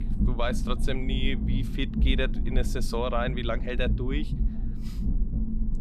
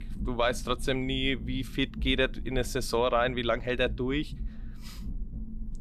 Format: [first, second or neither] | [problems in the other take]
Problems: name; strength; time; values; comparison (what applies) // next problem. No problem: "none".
second | low rumble; loud; throughout; 10 dB below the speech; faint in the second